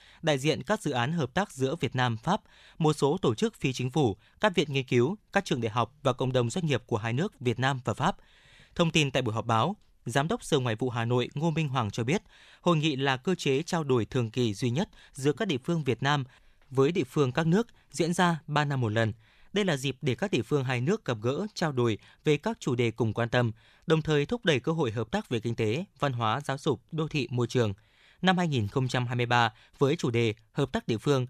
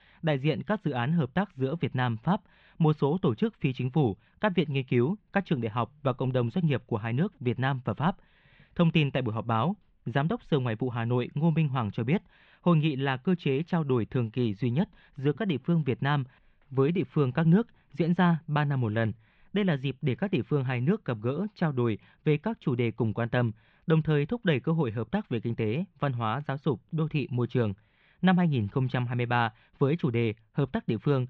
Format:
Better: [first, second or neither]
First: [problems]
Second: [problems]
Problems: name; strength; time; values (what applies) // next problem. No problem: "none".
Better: first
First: none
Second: muffled; very; fading above 3 kHz